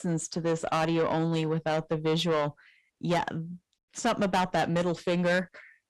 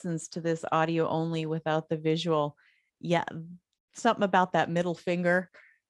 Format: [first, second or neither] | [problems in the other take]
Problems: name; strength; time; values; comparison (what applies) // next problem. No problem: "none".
second | distortion; heavy; 7 dB below the speech